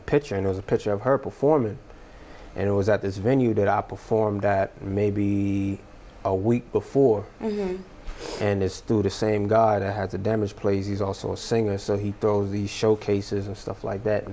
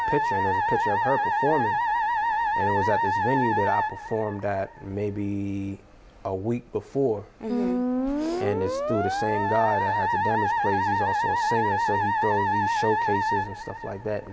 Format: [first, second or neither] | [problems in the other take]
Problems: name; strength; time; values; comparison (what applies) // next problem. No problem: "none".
first | background sound (Musical instrument); 3 dB above the speech